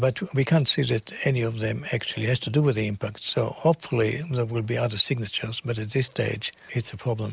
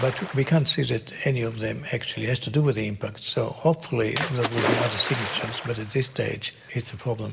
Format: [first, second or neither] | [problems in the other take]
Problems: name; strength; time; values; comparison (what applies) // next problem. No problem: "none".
first | background sound (Splash, splatter); 8 dB below the speech // room echo; dies away in 1.2 s